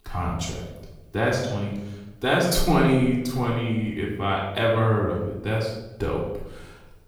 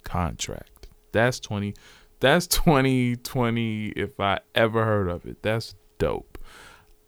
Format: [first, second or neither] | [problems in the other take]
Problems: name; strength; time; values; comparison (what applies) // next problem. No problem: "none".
second | off-mic speech; far // room echo; noticeable; dies away in 0.8 s